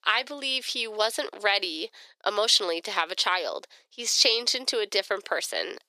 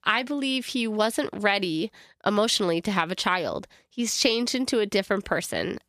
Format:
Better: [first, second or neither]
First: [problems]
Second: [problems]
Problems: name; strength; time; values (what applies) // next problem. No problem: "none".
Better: second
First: thin; very; fading below 400 Hz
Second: none